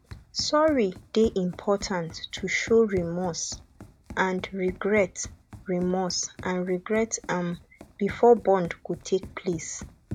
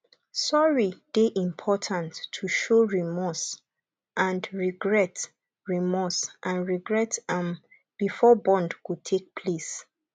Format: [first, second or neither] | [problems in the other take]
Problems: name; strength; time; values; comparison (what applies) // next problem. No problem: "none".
second | background sound (Run); 18 dB below the speech